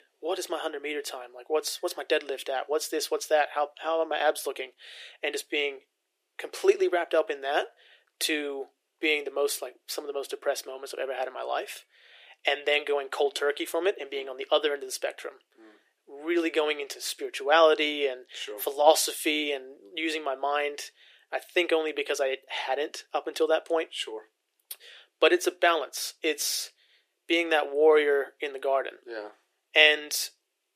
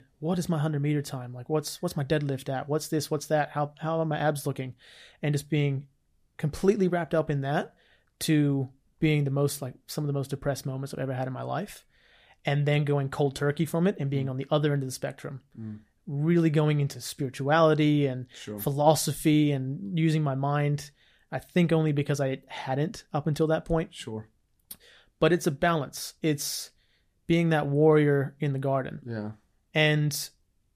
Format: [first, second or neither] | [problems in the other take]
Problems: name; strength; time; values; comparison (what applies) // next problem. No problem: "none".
second | thin; very; fading below 350 Hz